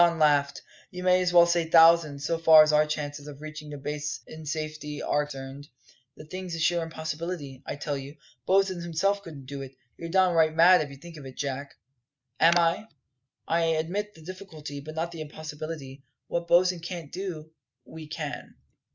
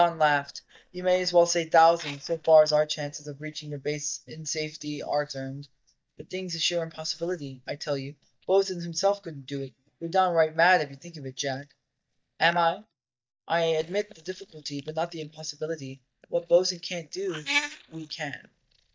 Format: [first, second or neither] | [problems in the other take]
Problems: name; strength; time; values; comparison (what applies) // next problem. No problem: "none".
first | noise reduction (neural mask model DeepFilterNet 3)